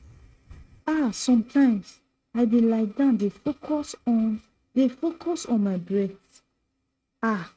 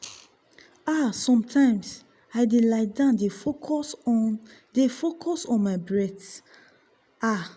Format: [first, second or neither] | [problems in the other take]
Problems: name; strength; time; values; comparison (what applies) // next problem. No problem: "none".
second | noise reduction (neural mask model RNNoise)